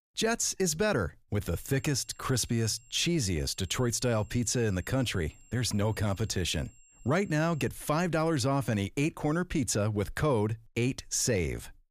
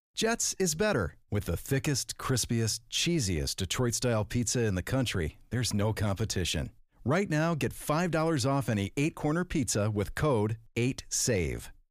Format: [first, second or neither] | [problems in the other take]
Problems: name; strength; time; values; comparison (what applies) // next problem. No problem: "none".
second | high-pitched whine; faint; from 1.5 to 7.5 s; 7.5 kHz, 30 dB below the speech